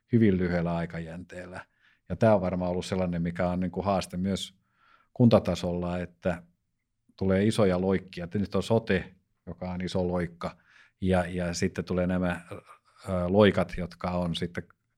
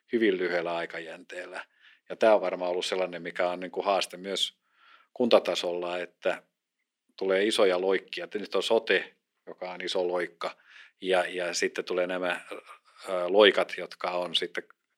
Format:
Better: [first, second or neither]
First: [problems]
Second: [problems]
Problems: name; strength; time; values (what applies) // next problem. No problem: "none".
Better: first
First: none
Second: thin; somewhat; fading below 350 Hz